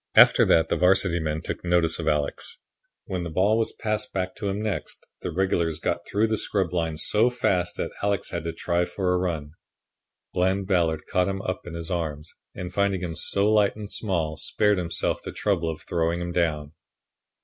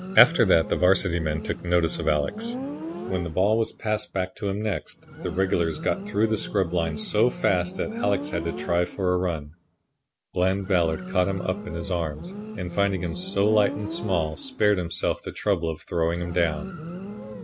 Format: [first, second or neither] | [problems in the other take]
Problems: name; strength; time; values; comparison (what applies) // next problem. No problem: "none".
first | background sound (Motorcycle); 10 dB below the speech